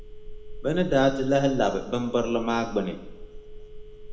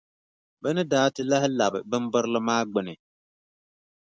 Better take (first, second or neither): second